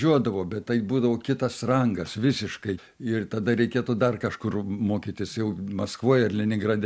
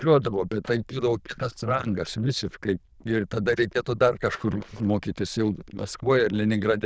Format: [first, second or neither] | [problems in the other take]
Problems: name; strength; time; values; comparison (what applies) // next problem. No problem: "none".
first | noise reduction (neural diffusion model UNIVERSE++)